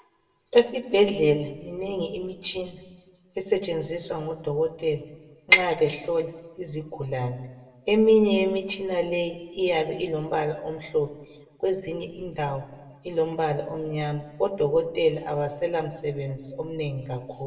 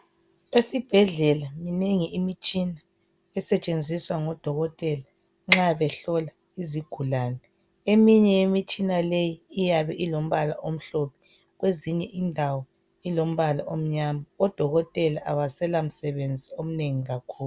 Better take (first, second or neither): second